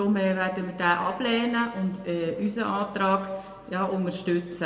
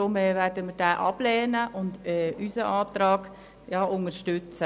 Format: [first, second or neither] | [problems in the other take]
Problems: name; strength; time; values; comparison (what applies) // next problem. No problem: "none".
second | room echo; dies away in 1.2 s